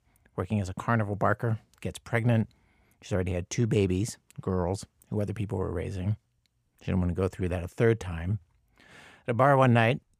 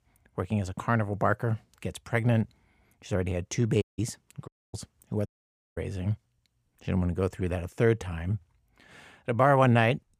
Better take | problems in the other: first | audio cutting out; at 4 s, at 4.5 s and at 5.5 s for 0.5 s

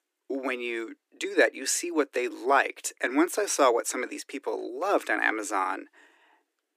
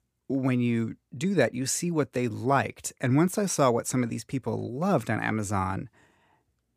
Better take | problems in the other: second | thin; somewhat; fading below 300 Hz

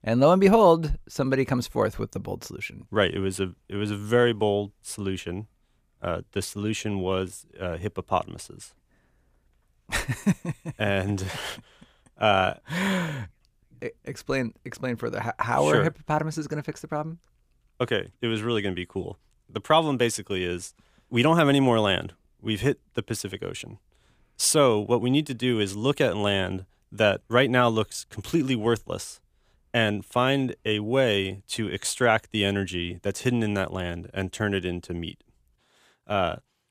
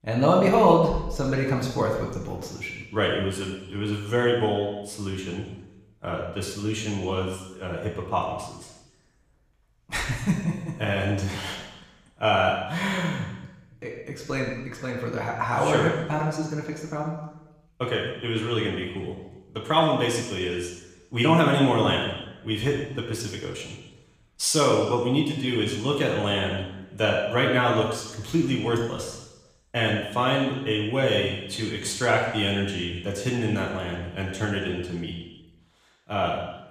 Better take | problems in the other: first | room echo; noticeable; dies away in 0.9 s // off-mic speech; far

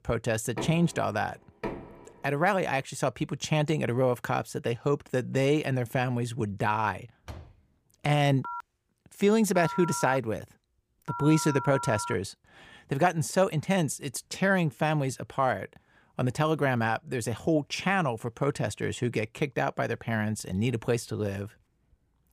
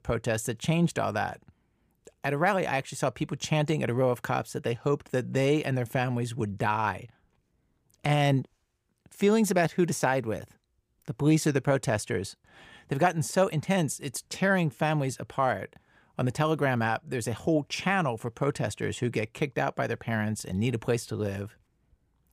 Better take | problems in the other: second | door banging; noticeable; from 0.5 to 2 s; peak 9 dB below the speech // door banging; faint; at 7.5 s; peak 20 dB below the speech // phone ringing; noticeable; from 8.5 to 12 s; peak 7 dB below the speech

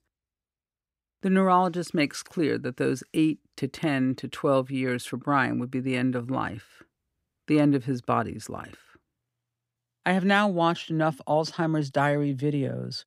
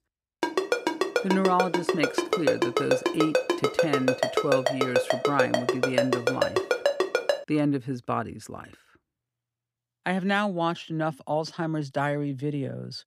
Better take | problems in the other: first | phone ringing; loud; until 7.5 s; peak 4 dB above the speech

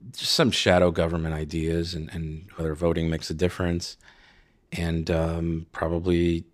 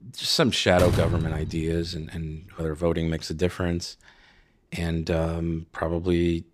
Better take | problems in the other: first | door banging; loud; from 1 to 2 s; peak level with the speech

